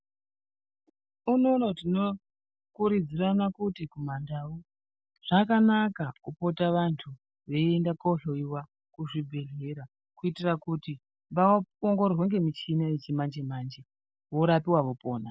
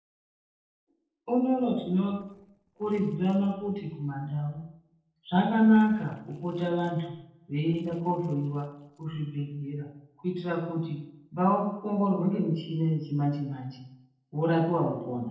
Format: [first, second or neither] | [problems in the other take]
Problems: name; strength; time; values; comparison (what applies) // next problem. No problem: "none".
first | noise reduction (neural separator model SepFormer DNS4)